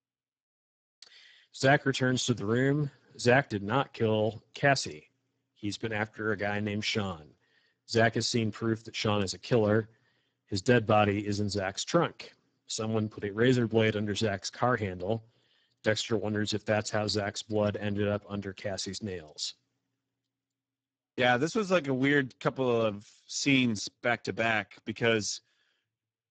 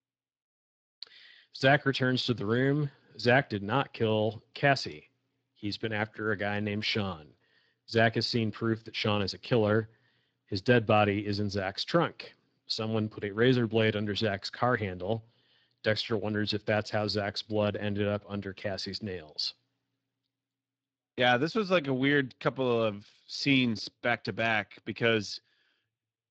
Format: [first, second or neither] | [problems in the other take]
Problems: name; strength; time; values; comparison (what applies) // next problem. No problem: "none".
second | garbled, watery; badly; nothing above 7.5 kHz; slightly in the second